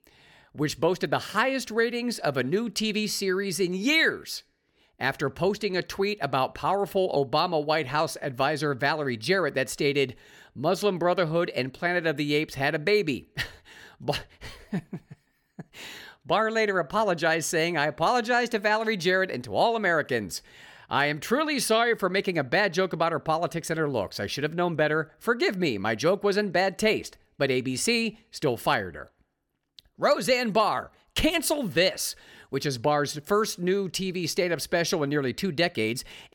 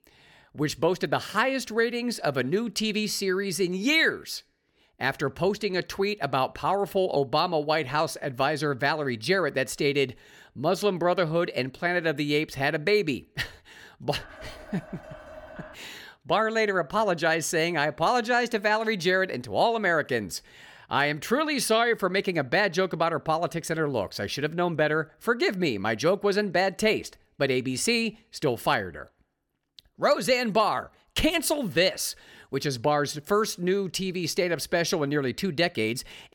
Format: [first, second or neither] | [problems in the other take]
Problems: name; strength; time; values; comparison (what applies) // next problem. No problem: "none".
first | clattering dishes; faint; from 14 to 16 s; peak 20 dB below the speech